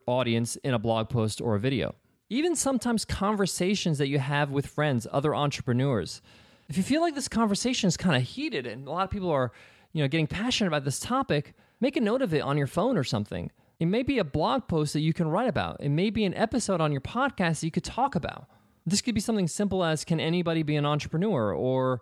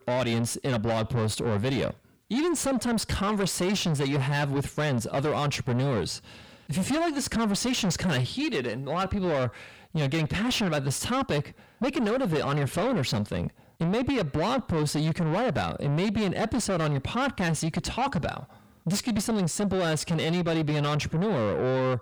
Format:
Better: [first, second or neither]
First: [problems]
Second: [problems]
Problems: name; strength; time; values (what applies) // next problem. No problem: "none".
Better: first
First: none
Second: distortion; heavy; 7 dB below the speech